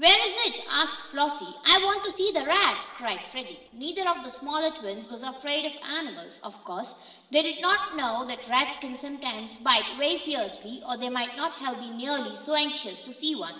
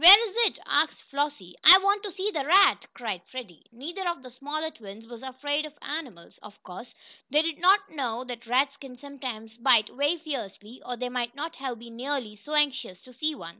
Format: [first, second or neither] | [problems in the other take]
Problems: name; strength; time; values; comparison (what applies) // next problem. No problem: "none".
second | noise reduction (neural separator model SepFormer DNS4)